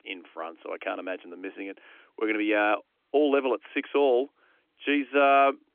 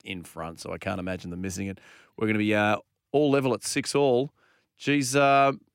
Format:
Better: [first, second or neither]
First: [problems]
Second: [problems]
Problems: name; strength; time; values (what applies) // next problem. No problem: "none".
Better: second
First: phone-call audio; nothing above 3.5 kHz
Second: none